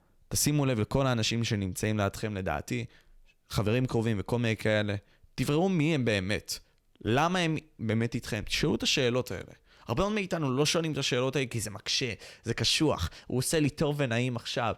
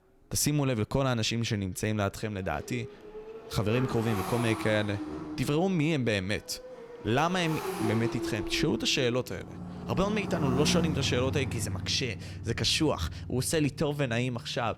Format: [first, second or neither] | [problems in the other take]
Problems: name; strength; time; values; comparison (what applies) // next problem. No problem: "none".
first | traffic noise; loud; throughout; 7 dB below the speech